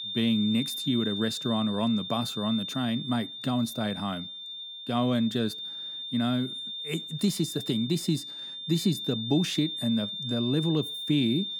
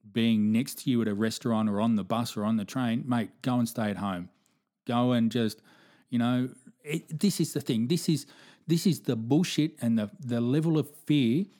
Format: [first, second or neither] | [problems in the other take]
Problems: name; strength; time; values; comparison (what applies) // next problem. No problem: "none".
second | high-pitched whine; loud; throughout; 3.5 kHz, 6 dB below the speech